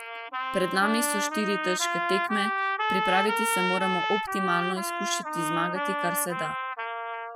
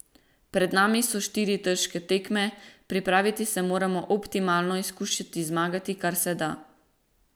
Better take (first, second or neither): second